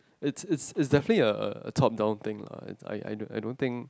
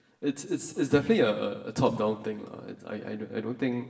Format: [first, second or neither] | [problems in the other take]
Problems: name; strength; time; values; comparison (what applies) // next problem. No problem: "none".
first | room echo; dies away in 0.9 s